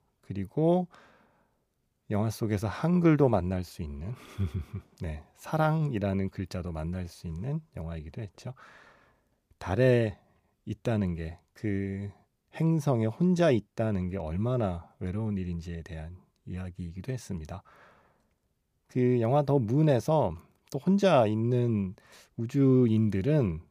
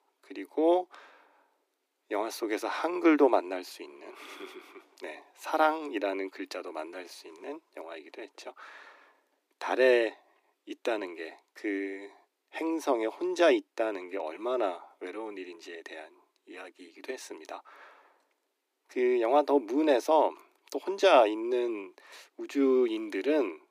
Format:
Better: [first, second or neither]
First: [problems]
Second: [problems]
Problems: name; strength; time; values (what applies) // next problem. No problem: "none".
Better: first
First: none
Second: thin; somewhat; fading below 300 Hz